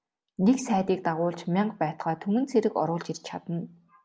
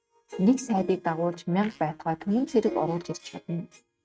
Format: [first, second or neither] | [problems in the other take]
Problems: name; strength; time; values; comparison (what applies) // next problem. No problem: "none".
first | noise reduction (neural mask model RNNoise)